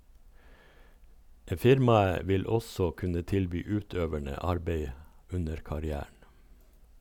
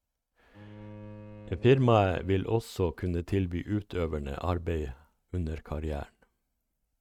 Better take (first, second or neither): first